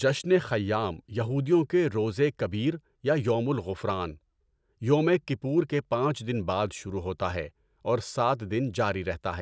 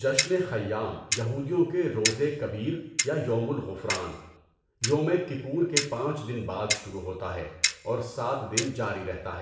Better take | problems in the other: first | background sound (Clock); 5 dB below the speech // room echo; dies away in 0.8 s

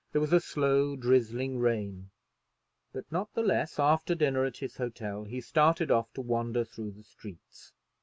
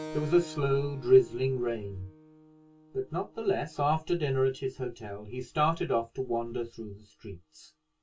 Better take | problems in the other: first | background sound (Keyboard (musical)); 19 dB below the speech // room echo; dies away in 0.1 s

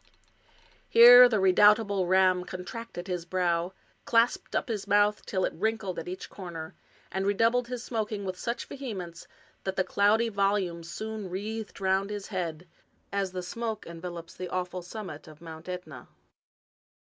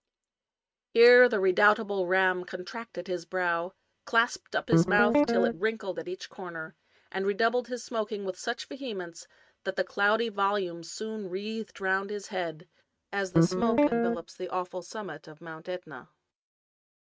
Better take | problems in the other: first | noise reduction (neural mask model RNNoise)

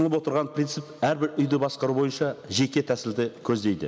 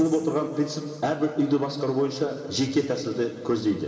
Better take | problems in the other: first | room echo; dies away in 2.6 s

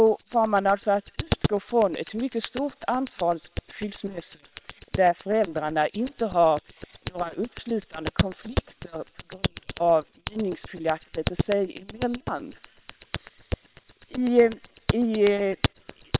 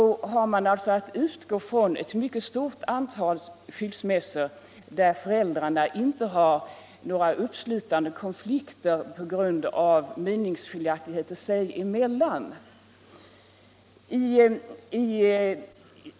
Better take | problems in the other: second | noise reduction (neural separator model SepFormer WHAM!)

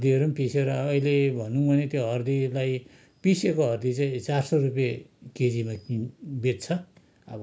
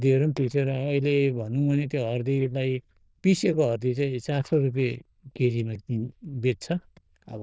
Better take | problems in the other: first | noise reduction (neural diffusion model UNIVERSE++)

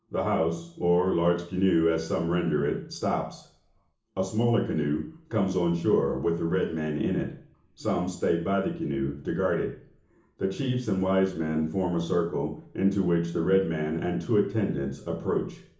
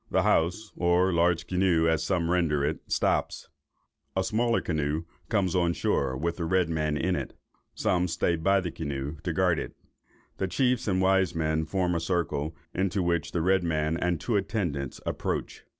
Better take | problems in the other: second | room echo; dies away in 0.8 s

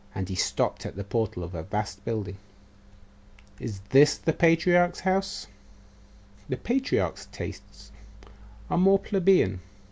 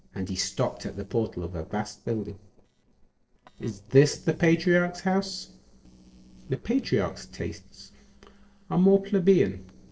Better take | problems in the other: first | noise reduction (neural separator model SepFormer DNS4)

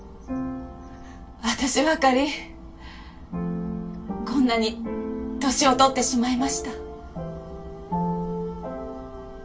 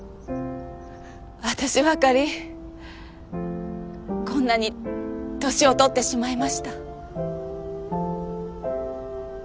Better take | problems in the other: second | room echo; dies away in 0.2 s

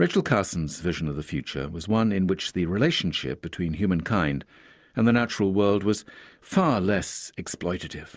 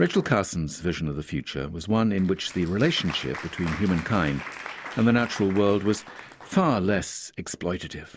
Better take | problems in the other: first | background sound (Applause); 17 dB below the speech

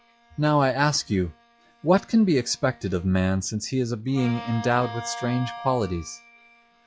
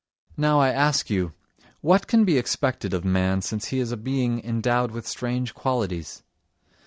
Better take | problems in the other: second | noise reduction (classical method log-MMSE)

